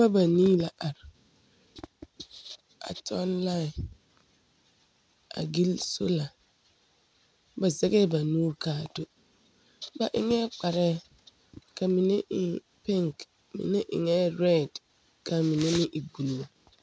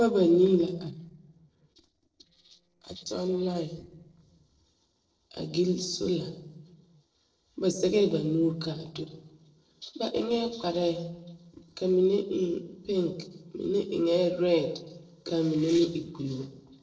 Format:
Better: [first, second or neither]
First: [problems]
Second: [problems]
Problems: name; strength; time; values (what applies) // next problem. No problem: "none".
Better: first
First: none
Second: noise reduction (neural separator model SepFormer DNS4)